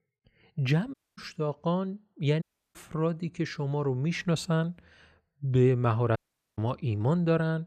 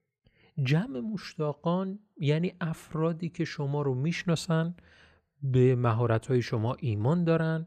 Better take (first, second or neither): second